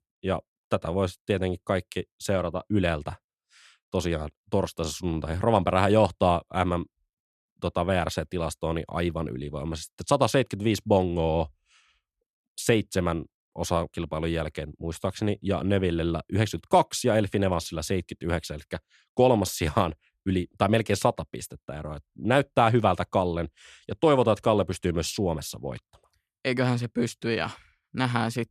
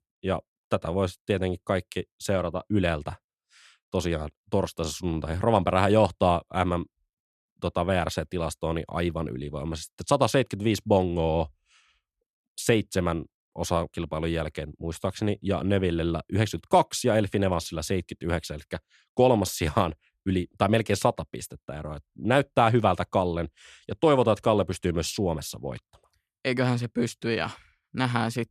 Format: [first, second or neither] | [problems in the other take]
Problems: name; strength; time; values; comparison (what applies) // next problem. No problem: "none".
neither | none